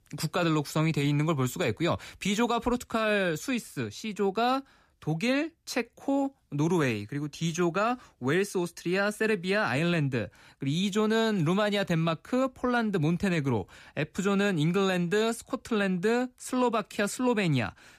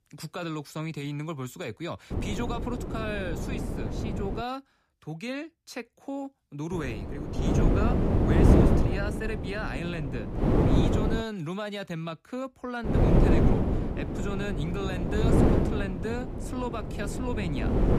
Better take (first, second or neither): first